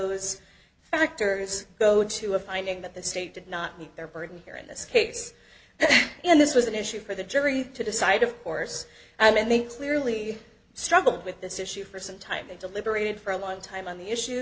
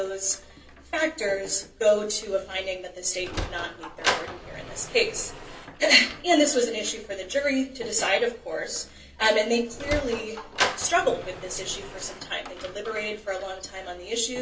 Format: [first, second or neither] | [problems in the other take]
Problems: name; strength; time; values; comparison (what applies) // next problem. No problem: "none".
first | background sound (Sliding door); 10 dB below the speech // room echo; dies away in 0.3 s